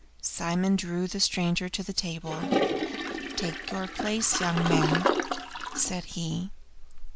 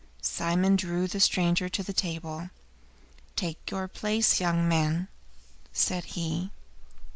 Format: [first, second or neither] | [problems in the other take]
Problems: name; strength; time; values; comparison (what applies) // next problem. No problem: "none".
second | background sound (Toilet flush); as loud as the speech